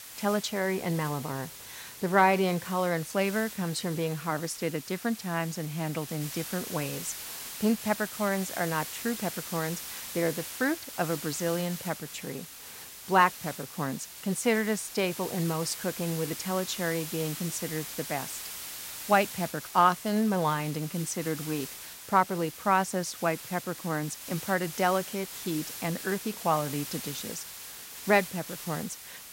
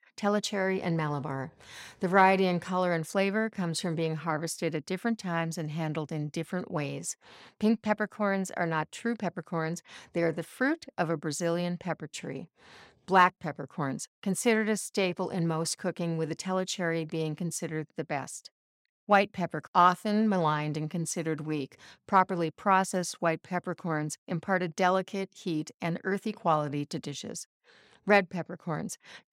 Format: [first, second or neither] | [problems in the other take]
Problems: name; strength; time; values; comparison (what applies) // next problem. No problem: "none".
second | hiss; loud; throughout; 9 dB below the speech